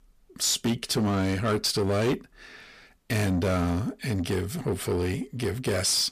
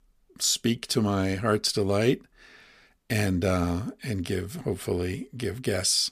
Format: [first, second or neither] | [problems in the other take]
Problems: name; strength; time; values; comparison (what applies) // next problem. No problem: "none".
second | distortion; slight; 10 dB below the speech